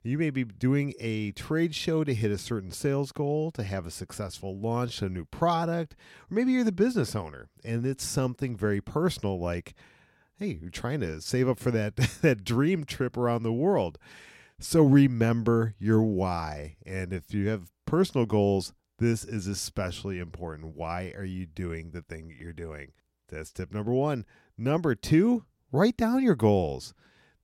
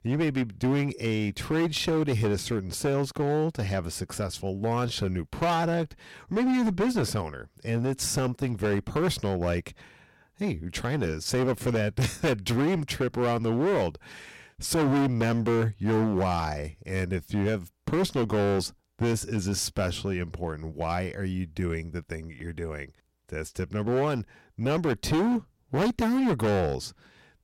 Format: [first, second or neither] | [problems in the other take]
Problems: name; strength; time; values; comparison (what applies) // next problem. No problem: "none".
first | distortion; heavy; 15% of the sound clipped